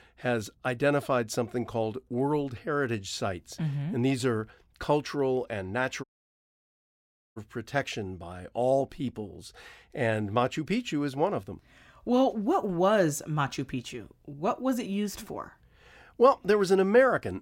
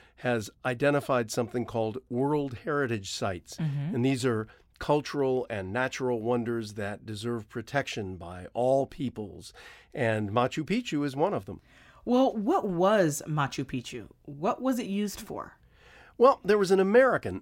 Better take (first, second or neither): second